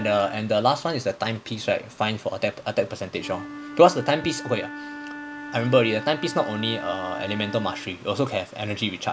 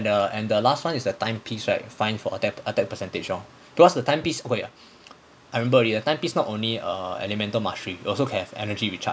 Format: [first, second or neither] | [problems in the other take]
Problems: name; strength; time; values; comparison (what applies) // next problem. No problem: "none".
second | background sound (Wind instrument, woodwind instrument); 14 dB below the speech